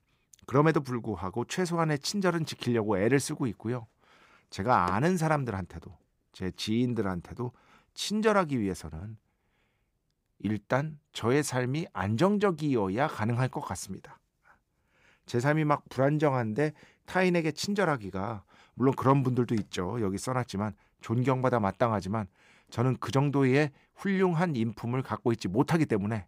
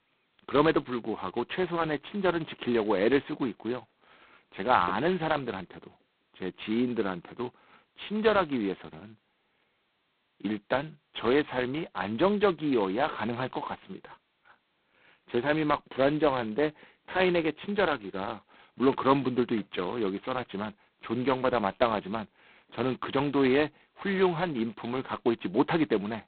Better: first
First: none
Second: phone-call audio; poor line; nothing above 4 kHz

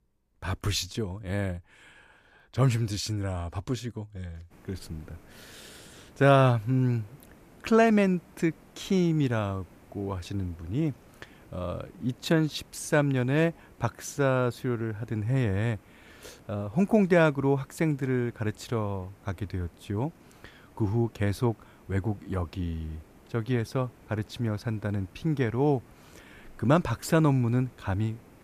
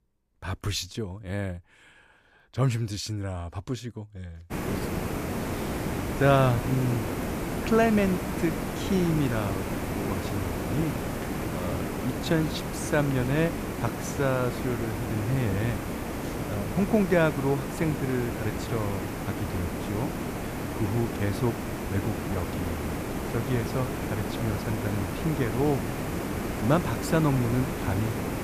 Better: first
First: hiss; faint; from 4.5 s on; 25 dB below the speech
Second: hiss; loud; from 4.5 s on; 3 dB below the speech

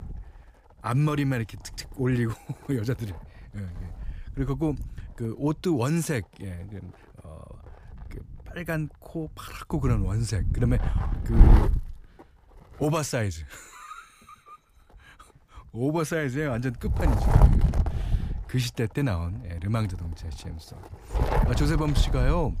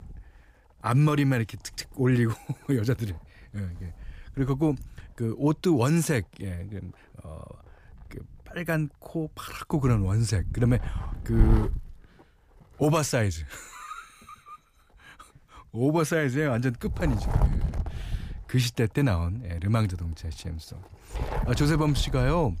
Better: second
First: wind noise on the microphone; heavy; 3 dB below the speech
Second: wind noise on the microphone; occasional gusts; 10 dB below the speech

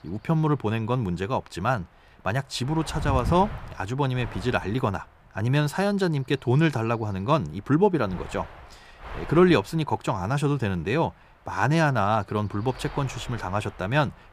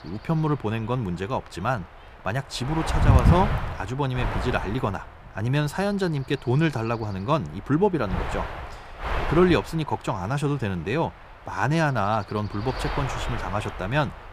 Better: first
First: wind noise on the microphone; occasional gusts; 15 dB below the speech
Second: wind noise on the microphone; heavy; 6 dB below the speech

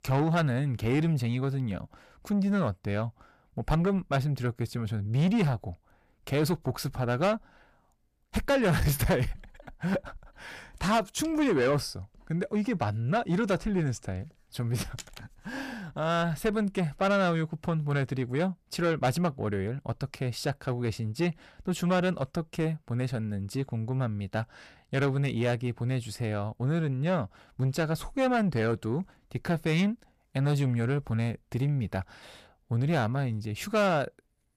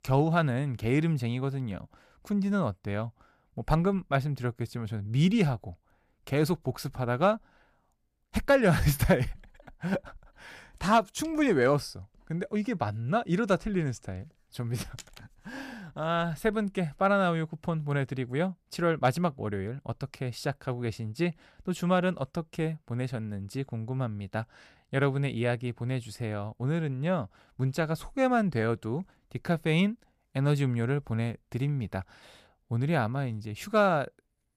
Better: second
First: distortion; slight; 10 dB below the speech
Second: none

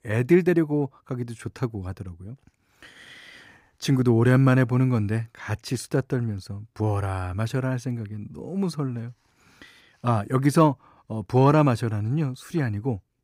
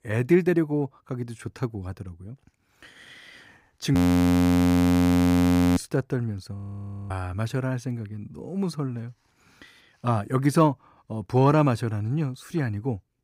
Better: first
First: none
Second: audio freezing; at 4 s for 2 s and at 6.5 s for 0.5 s

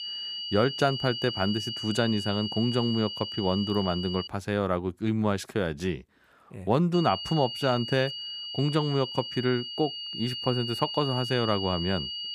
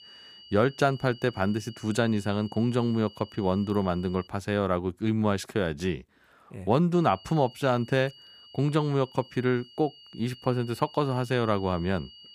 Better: second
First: high-pitched whine; loud; until 4.5 s and from 7 s on; 3 kHz, 5 dB below the speech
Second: high-pitched whine; faint; until 4.5 s and from 7 s on; 3 kHz, 20 dB below the speech

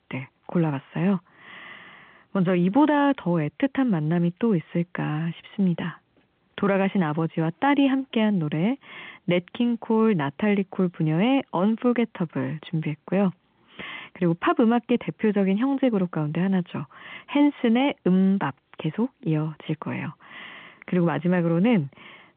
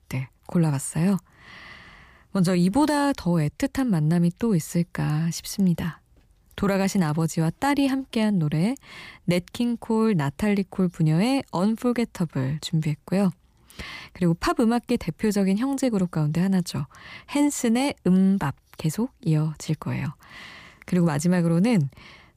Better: second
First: phone-call audio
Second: none

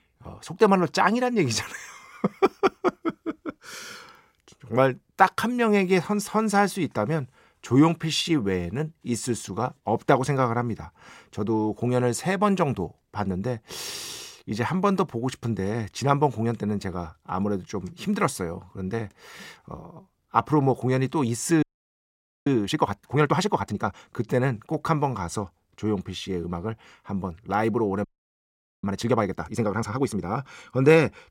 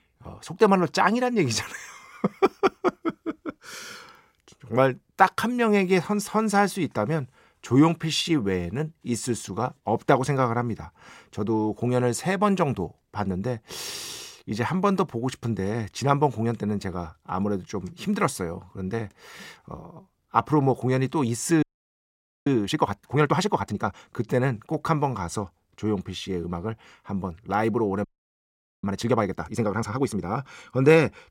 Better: neither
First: audio freezing; at 22 s for 1 s and at 28 s for 1 s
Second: audio freezing; at 22 s for 1 s and at 28 s for 1 s

